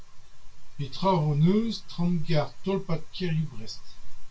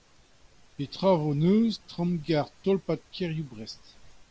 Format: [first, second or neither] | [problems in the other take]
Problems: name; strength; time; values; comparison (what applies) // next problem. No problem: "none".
second | room echo; dies away in 0.2 s